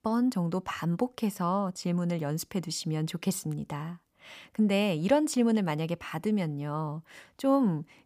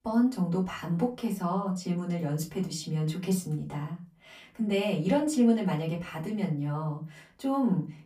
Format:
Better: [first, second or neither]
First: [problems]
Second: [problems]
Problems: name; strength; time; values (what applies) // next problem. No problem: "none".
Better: first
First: none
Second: off-mic speech; far // room echo; very slight; dies away in 0.3 s